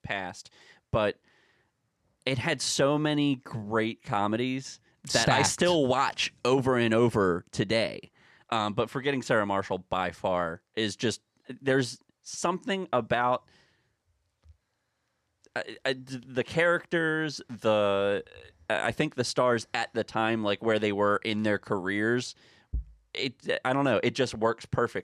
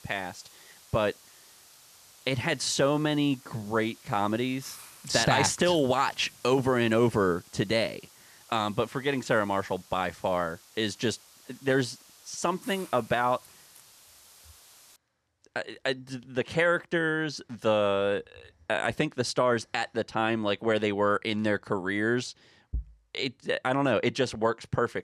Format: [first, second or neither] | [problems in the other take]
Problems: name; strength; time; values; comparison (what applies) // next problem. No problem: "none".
first | hiss; faint; until 15 s; 25 dB below the speech